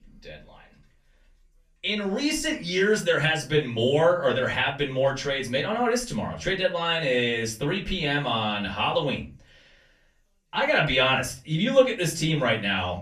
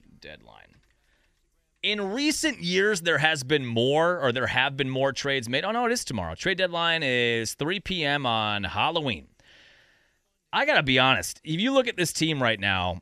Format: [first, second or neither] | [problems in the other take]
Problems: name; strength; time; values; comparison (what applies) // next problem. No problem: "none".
second | off-mic speech; far // room echo; very slight; dies away in 0.3 s